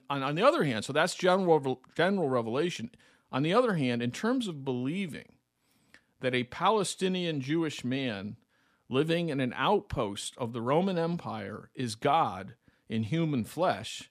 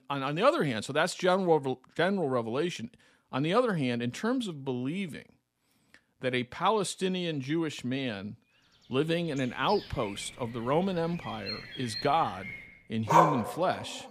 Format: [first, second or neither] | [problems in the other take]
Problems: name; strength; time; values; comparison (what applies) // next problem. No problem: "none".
first | animal sounds; loud; from 9.5 s on; 2 dB below the speech